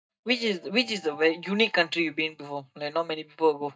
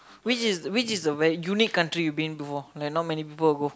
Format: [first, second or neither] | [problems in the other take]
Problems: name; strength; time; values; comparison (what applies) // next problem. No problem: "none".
second | noise reduction (neural mask model DeepFilterNet 3)